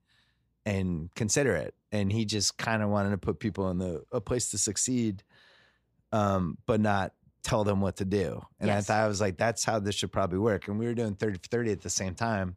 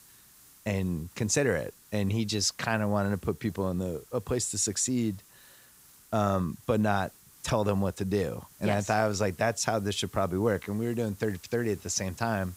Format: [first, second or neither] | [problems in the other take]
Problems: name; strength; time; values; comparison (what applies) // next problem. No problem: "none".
first | hiss; faint; throughout; 25 dB below the speech